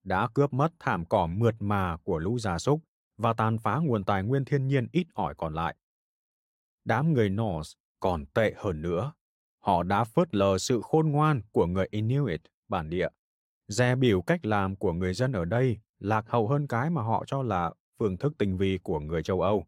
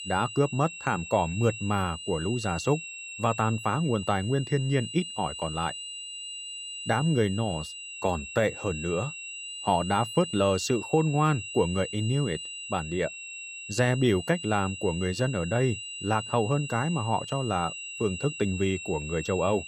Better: first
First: none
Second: high-pitched whine; loud; throughout; 3 kHz, 8 dB below the speech

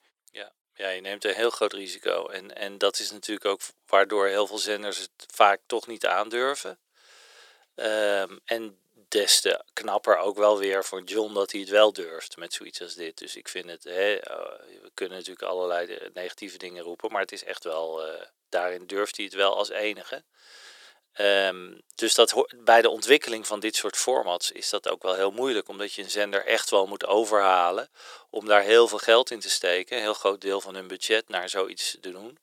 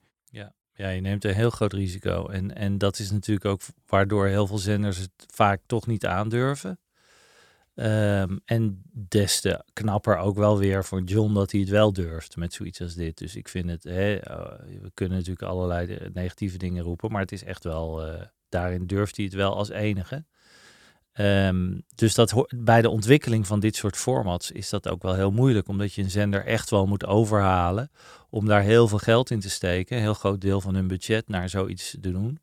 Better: second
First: thin; very; fading below 400 Hz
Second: none

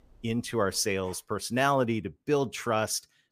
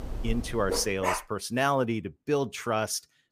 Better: first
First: animal sounds; faint; at the start; 30 dB below the speech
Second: animal sounds; loud; at the start; 4 dB below the speech

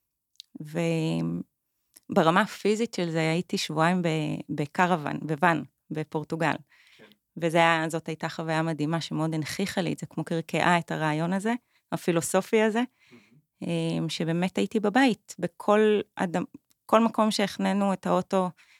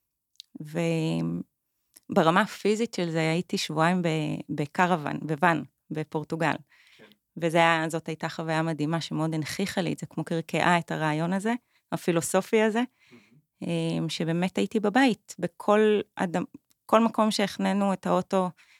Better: neither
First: none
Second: none

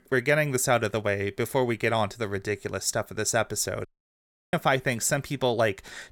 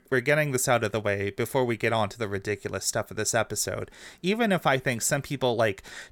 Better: second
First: audio cutting out; at 4 s for 0.5 s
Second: none

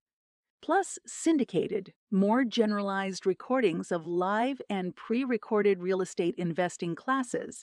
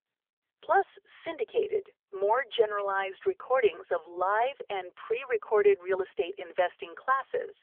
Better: first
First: none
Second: phone-call audio; nothing above 3.5 kHz

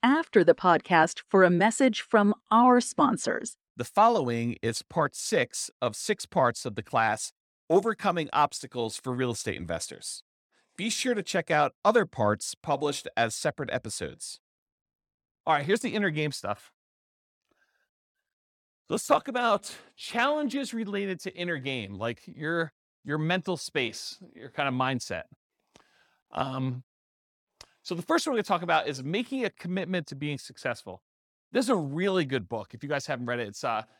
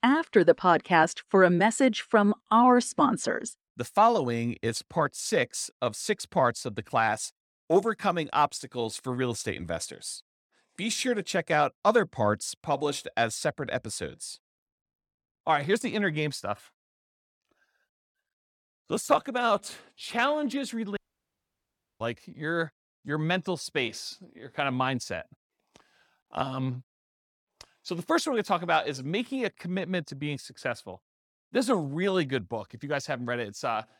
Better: first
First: none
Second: audio cutting out; at 21 s for 1 s

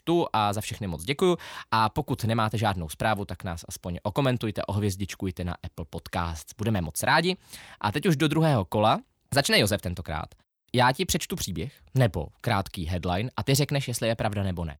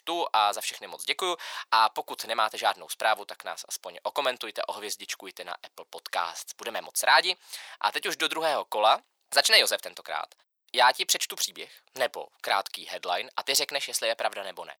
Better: first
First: none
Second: thin; very; fading below 600 Hz

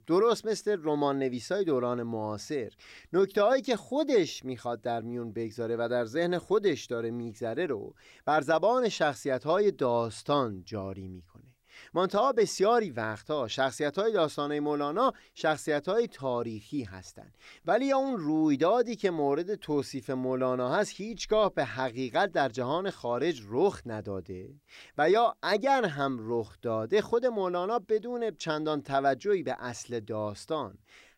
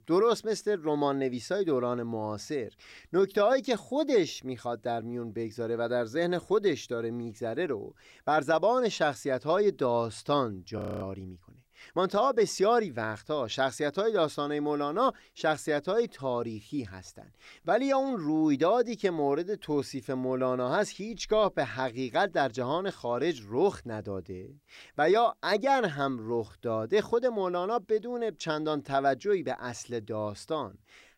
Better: first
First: none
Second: audio freezing; at 11 s

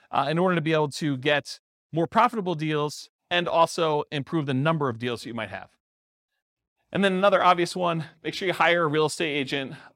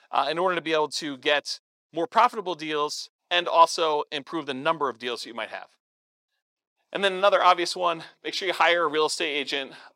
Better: first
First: none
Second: thin; somewhat; fading below 400 Hz

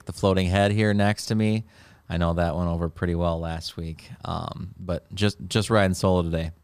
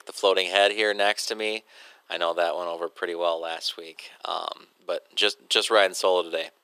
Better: first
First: none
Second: thin; very; fading below 400 Hz

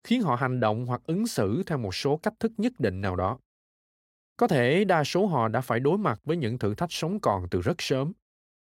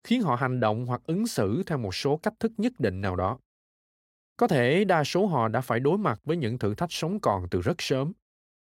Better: neither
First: none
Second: none

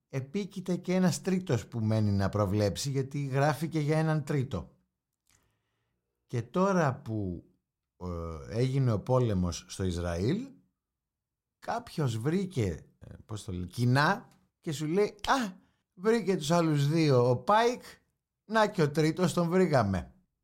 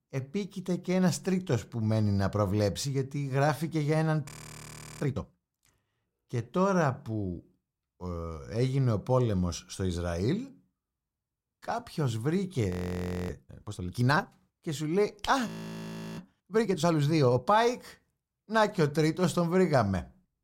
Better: first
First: none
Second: audio freezing; at 4.5 s for 0.5 s, at 13 s for 0.5 s and at 15 s for 0.5 s

